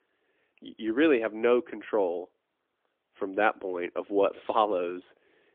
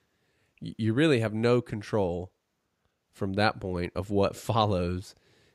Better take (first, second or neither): second